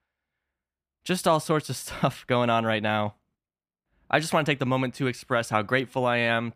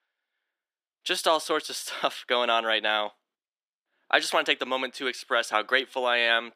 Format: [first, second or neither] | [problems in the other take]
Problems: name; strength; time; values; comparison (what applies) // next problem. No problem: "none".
first | thin; somewhat; fading below 350 Hz